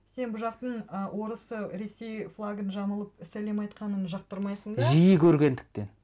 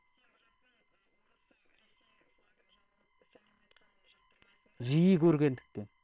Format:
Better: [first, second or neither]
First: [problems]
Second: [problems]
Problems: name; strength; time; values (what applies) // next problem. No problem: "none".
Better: first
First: none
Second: noise reduction (neural separator model SepFormer WHAM!)